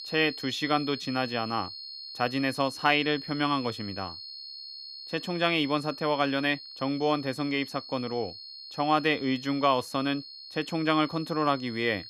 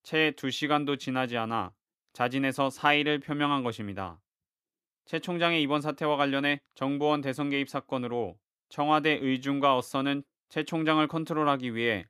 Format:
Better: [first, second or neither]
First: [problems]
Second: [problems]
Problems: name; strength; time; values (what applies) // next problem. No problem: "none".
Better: second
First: high-pitched whine; noticeable; throughout; 4.5 kHz, 10 dB below the speech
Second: none